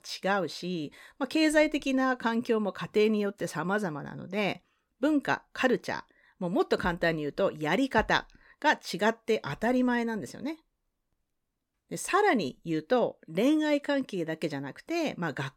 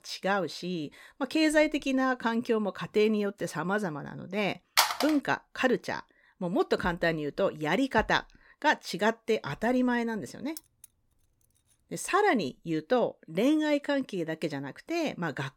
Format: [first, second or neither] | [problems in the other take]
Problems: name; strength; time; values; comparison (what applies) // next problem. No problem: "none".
first | phone ringing; loud; at 5 s; peak 4 dB above the speech // jangling keys; faint; at 11 s; peak 15 dB below the speech